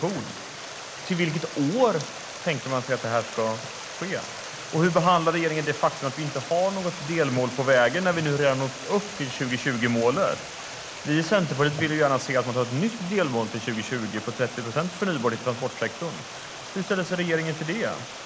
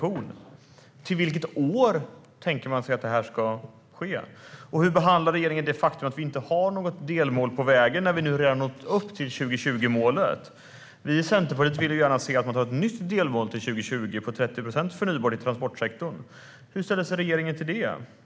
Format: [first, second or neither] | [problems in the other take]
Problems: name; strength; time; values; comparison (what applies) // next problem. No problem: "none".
second | background sound (Stream); 12 dB below the speech